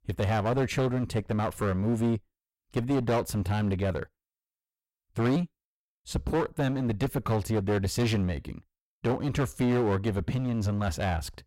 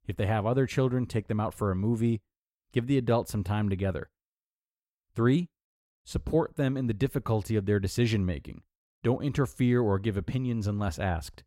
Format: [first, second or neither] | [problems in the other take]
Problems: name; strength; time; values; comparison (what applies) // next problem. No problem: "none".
second | distortion; heavy; 14% of the sound clipped